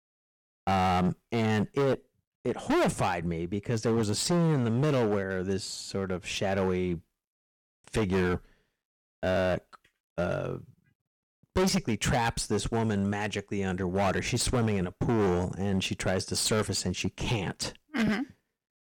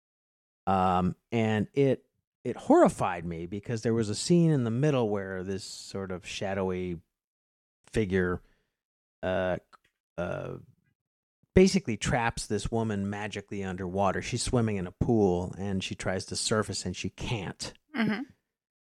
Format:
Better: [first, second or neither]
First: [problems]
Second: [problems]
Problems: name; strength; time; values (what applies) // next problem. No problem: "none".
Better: second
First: distortion; heavy; 13% of the sound clipped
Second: none